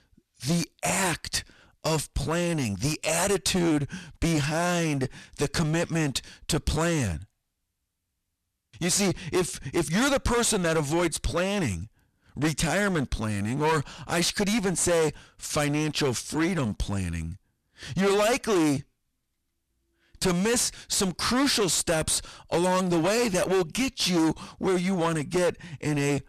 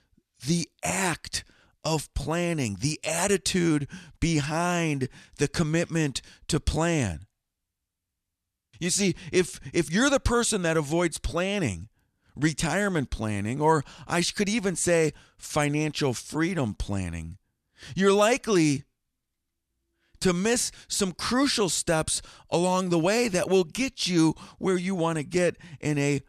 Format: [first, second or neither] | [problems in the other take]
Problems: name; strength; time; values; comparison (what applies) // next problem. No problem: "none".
second | distortion; heavy; 15% of the sound clipped